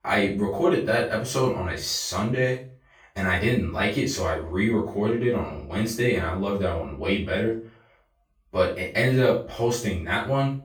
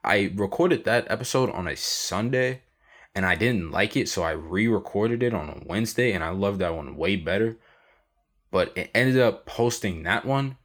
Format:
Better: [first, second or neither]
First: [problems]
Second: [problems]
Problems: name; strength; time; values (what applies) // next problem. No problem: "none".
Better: second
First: off-mic speech; far // room echo; noticeable; dies away in 0.3 s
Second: none